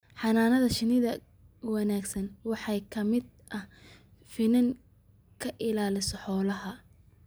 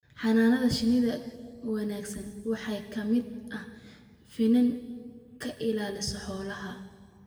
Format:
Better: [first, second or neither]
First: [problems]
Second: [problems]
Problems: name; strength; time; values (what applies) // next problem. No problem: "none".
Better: first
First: none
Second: room echo; dies away in 1.6 s